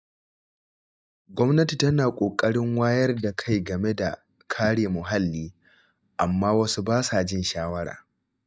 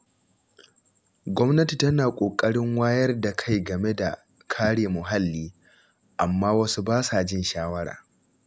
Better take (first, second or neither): second